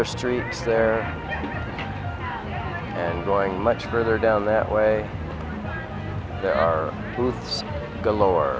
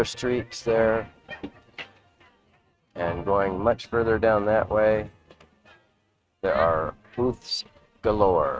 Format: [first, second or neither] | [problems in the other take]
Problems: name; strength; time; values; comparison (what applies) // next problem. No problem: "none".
first | noise reduction (neural mask model RNNoise)